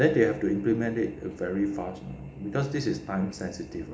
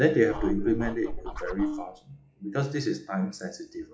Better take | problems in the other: first | noise reduction (classical method log-MMSE)

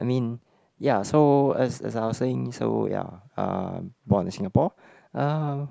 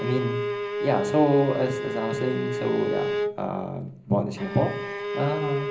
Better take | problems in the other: first | background sound (Bowed string instrument); 3 dB below the speech // room echo; dies away in 0.5 s

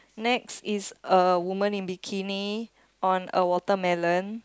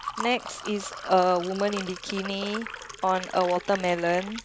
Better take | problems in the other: first | background sound (Liquid); 11 dB below the speech

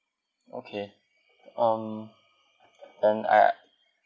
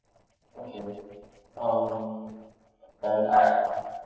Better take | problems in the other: first | noise reduction (neural separator model SepFormer DNS4)

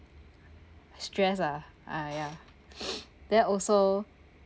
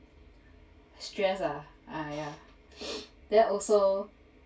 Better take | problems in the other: first | room echo; dies away in 0.2 s

